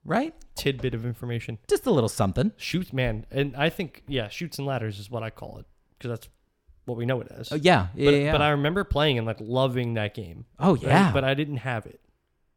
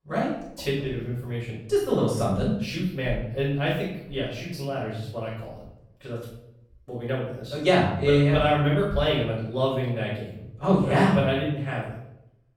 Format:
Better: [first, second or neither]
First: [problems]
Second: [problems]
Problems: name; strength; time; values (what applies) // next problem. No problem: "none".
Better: first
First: none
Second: room echo; noticeable; dies away in 0.6 s // off-mic speech; far